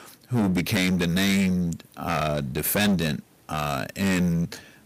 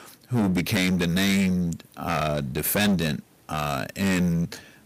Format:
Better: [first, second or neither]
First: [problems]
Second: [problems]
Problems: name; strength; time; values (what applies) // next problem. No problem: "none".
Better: neither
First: distortion; heavy; 14% of the sound clipped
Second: distortion; heavy; 14% of the sound clipped